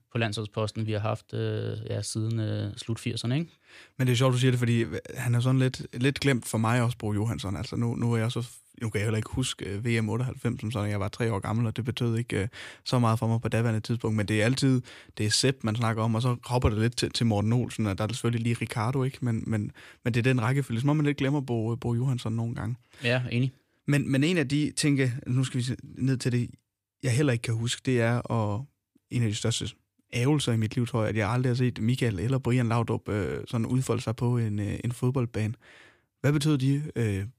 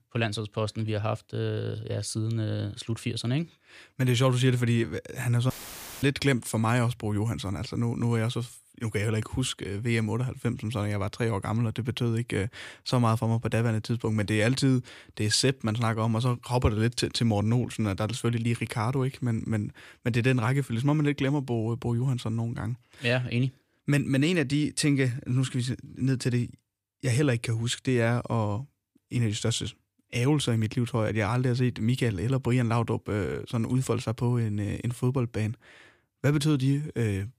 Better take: first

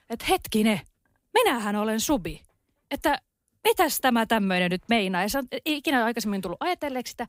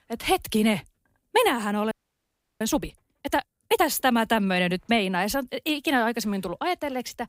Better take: first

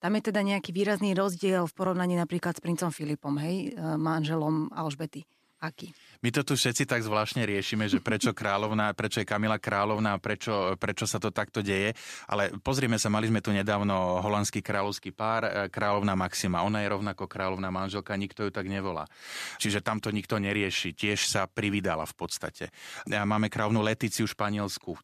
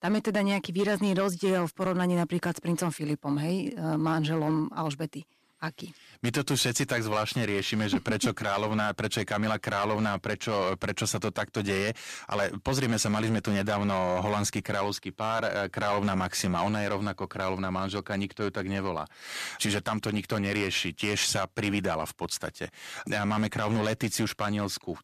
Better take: first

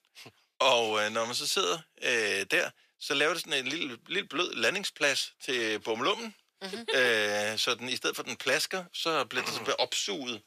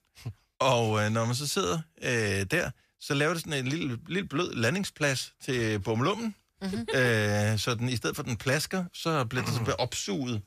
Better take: second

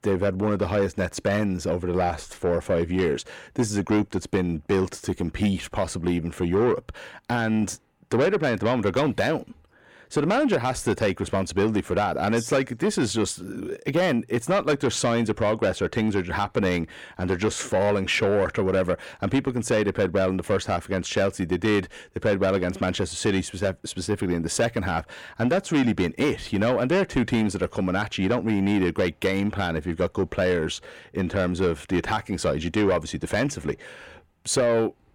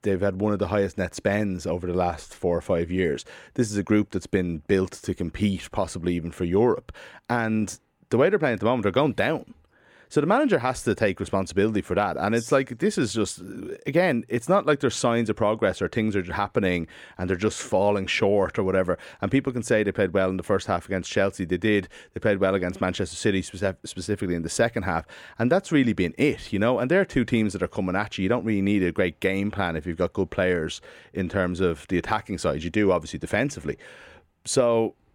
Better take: second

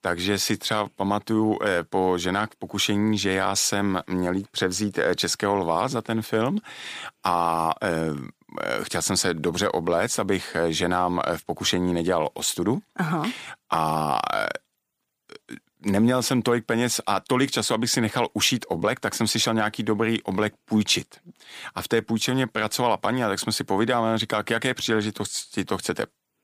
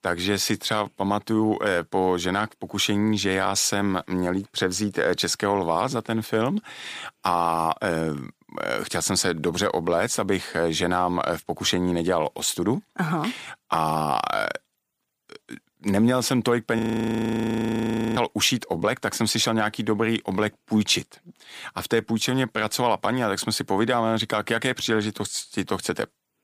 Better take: first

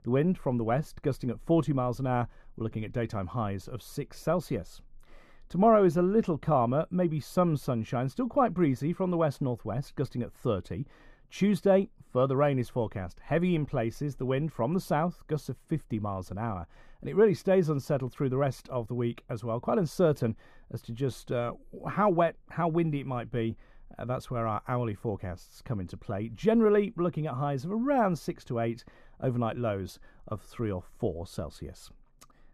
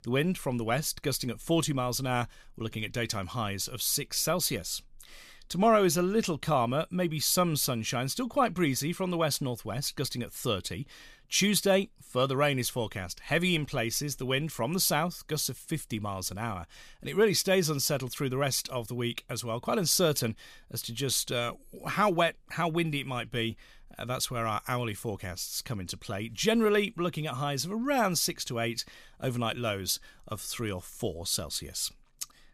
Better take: second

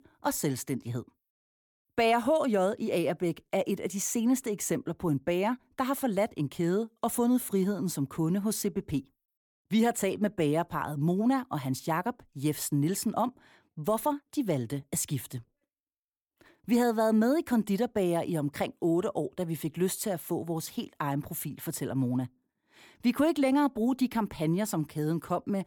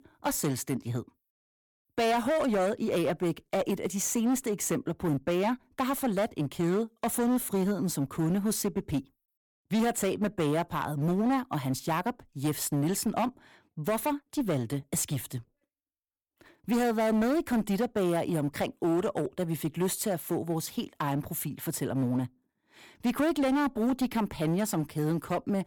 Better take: first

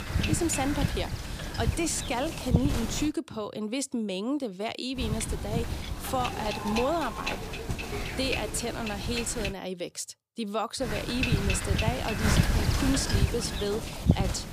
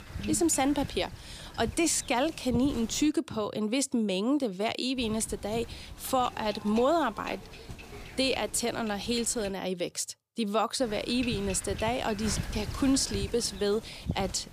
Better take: second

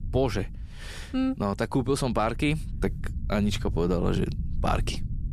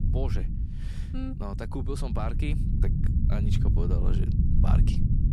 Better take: first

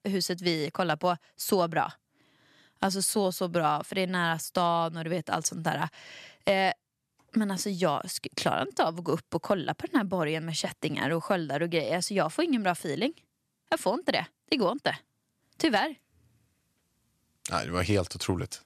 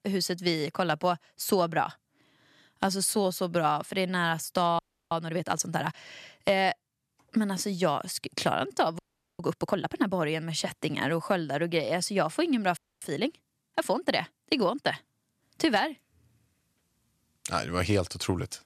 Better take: first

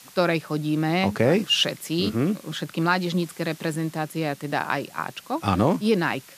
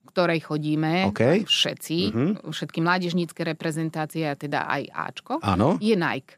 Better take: second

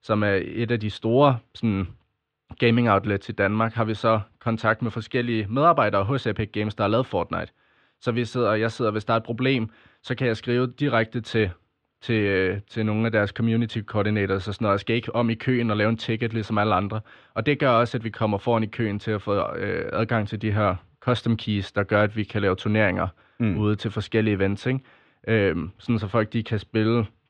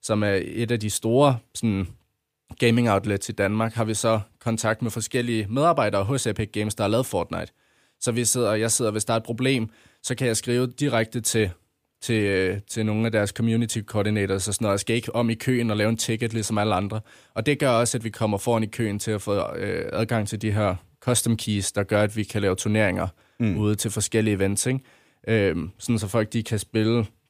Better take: second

